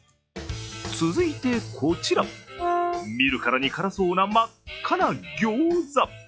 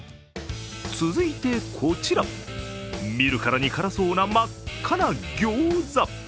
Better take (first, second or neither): second